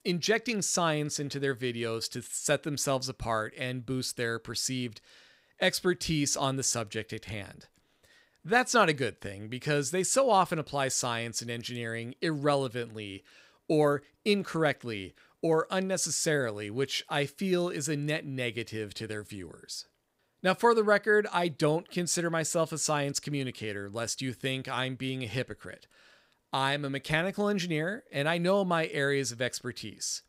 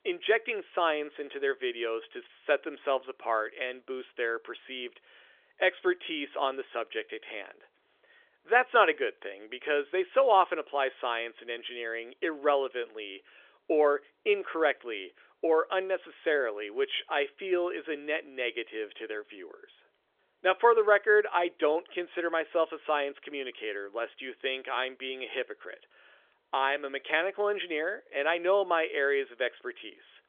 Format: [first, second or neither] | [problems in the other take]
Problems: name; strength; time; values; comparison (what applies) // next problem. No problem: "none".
first | phone-call audio; nothing above 3.5 kHz